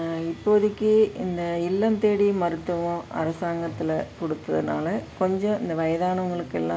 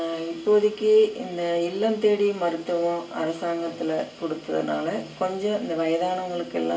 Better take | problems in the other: first | room echo; dies away in 0.2 s

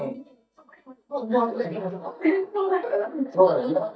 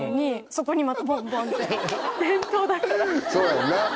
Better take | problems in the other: second | noise reduction (neural mask model DeepFilterNet 3)

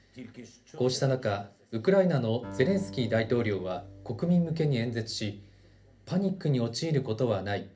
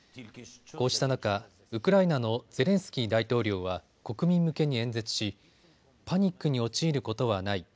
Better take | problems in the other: second | background sound (Acoustic guitar); 20 dB below the speech // room echo; dies away in 0.3 s

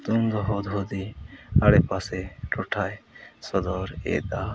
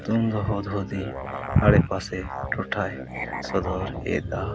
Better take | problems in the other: first | background sound (Musical instrument); 10 dB below the speech

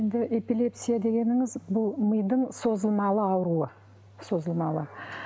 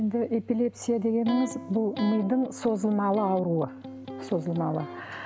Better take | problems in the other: first | background sound (Electric guitar); 12 dB below the speech

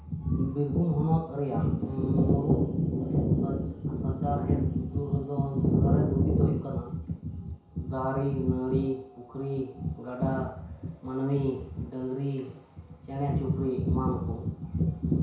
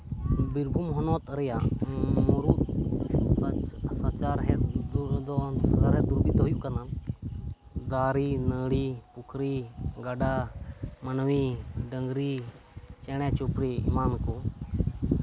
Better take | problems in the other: second | room echo; dies away in 0.6 s

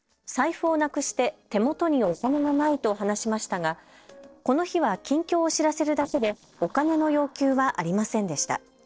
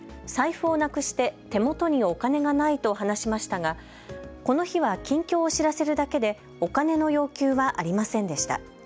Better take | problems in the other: second | noise reduction (neural separator model SepFormer DNS4)

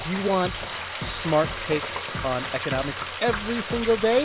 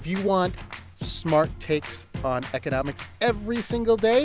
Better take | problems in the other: second | background sound (Frying (food)); 7 dB below the speech

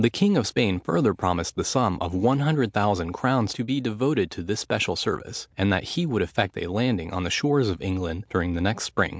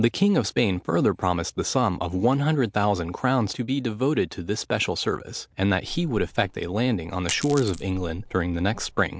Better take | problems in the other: first | background sound (Coin (dropping)); 15 dB below the speech

